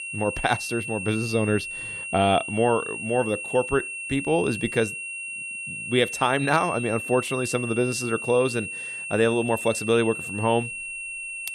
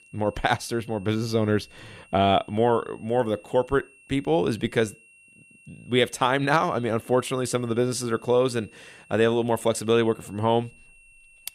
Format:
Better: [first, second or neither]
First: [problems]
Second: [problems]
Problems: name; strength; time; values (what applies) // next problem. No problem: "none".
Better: second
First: high-pitched whine; loud; throughout; 2.5 kHz, 6 dB below the speech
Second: high-pitched whine; faint; throughout; 2.5 kHz, 25 dB below the speech